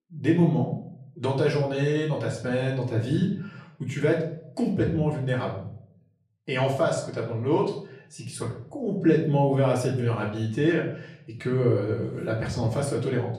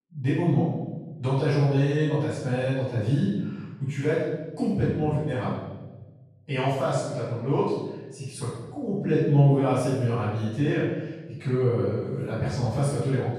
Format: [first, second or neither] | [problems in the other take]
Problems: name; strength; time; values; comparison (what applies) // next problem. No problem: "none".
first | room echo; strong; dies away in 1 s; slight in the first // off-mic speech; far; far in the first